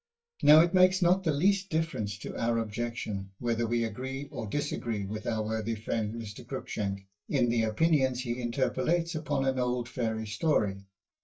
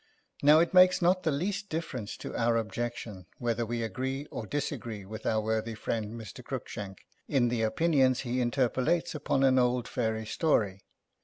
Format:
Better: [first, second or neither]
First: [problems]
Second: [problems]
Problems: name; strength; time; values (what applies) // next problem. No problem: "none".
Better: second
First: noise reduction (neural mask model DeepFilterNet 3)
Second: none